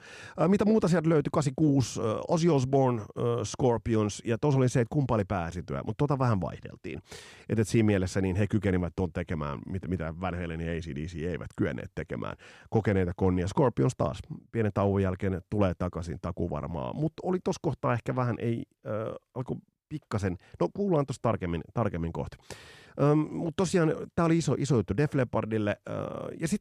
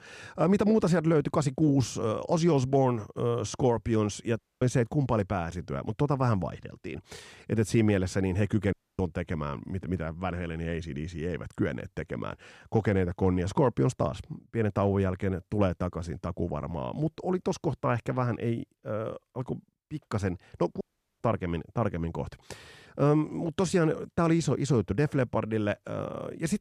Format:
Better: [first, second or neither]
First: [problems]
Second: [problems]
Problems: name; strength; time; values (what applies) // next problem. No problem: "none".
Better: first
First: none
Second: audio cutting out; at 4.5 s, at 8.5 s and at 21 s